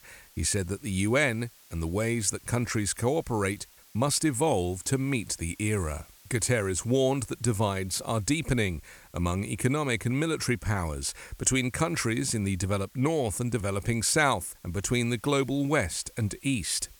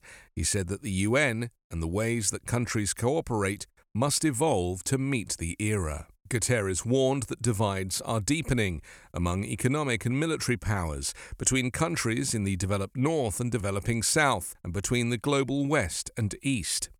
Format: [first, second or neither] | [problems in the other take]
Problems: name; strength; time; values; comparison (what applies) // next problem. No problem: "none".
second | hiss; faint; throughout; 25 dB below the speech